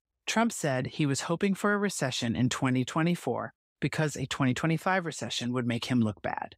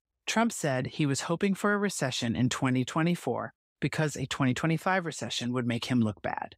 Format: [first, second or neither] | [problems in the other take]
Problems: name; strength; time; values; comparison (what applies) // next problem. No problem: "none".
neither | none